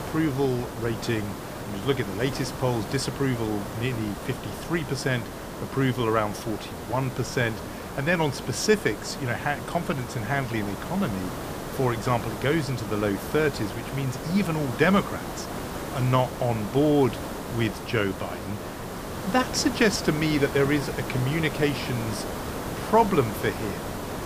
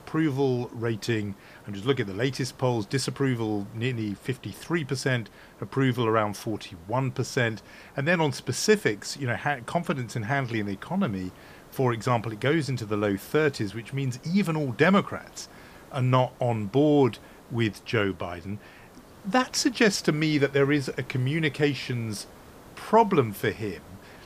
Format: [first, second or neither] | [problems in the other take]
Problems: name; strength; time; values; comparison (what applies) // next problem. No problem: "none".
second | hiss; loud; throughout; 8 dB below the speech; faint in the second